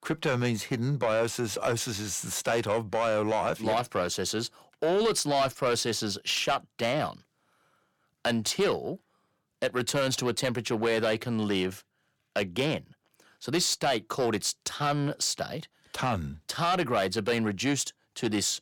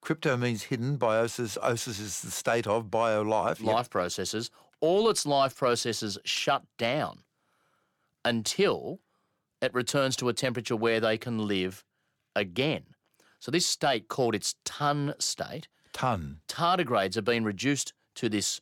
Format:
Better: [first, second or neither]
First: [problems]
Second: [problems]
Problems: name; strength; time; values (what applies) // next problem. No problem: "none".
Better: second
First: distortion; slight; 10 dB below the speech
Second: none